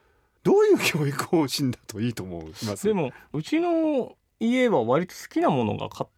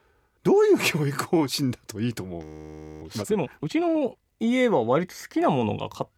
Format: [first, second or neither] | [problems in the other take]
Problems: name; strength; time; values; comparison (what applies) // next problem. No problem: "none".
first | audio freezing; at 2.5 s for 0.5 s